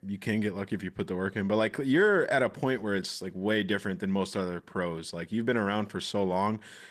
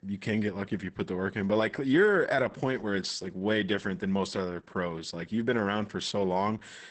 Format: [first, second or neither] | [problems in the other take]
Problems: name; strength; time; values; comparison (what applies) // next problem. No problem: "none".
first | garbled, watery; badly; nothing above 8 kHz; slightly in the first